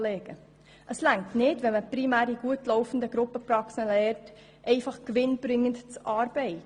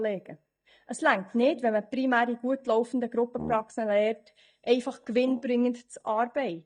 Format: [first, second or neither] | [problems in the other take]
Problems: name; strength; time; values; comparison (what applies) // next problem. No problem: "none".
first | noise reduction (neural mask model DeepFilterNet 3)